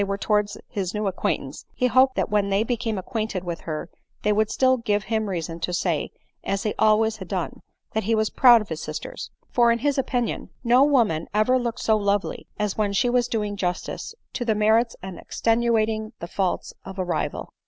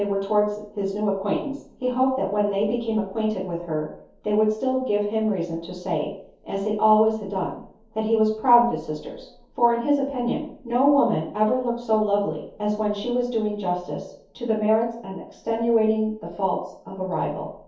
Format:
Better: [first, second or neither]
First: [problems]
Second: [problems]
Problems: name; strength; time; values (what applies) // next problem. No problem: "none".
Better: first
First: none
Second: room echo; dies away in 0.6 s